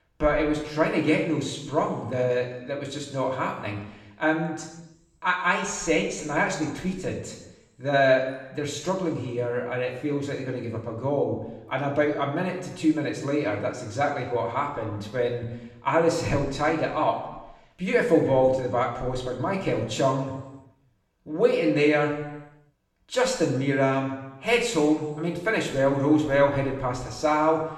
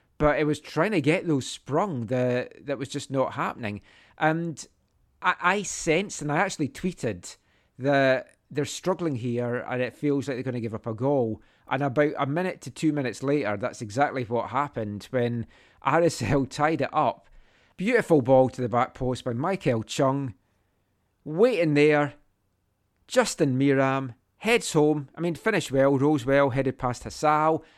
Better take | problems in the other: second | room echo; noticeable; dies away in 0.9 s // off-mic speech; far

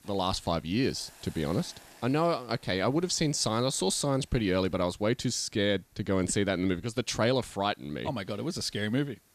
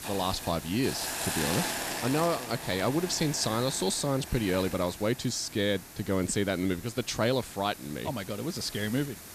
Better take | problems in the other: first | hiss; loud; throughout; 7 dB below the speech; faint in the first

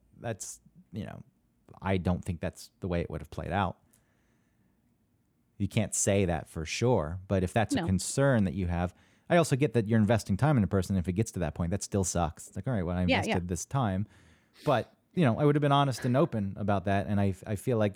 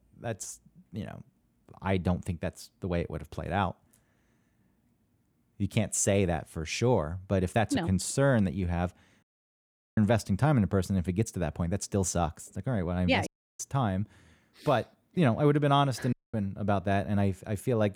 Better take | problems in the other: first | audio cutting out; at 9 s for 0.5 s, at 13 s and at 16 s

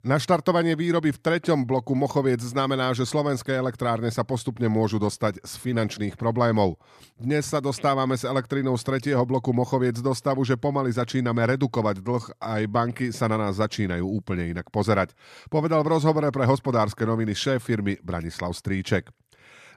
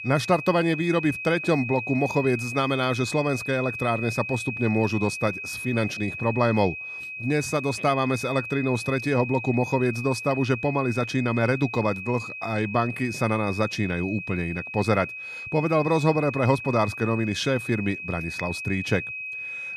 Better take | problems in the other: first | high-pitched whine; loud; throughout; 2.5 kHz, 7 dB below the speech

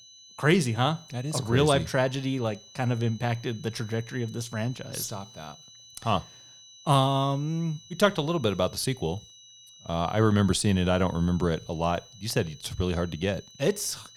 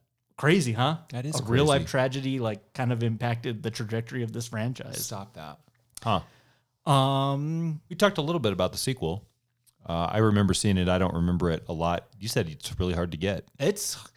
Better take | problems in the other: second | high-pitched whine; faint; throughout; 4 kHz, 20 dB below the speech

